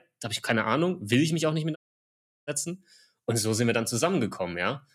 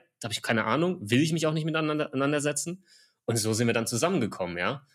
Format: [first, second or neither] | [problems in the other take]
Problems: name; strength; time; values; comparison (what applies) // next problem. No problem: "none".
second | audio cutting out; at 2 s for 0.5 s